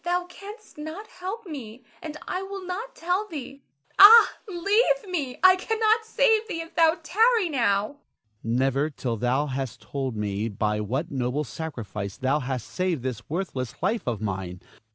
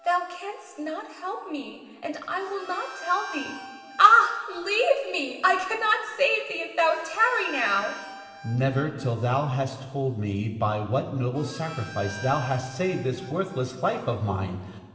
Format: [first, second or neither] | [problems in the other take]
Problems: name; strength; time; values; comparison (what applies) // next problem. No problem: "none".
first | background sound (Harmonica); 18 dB below the speech // room echo; dies away in 2 s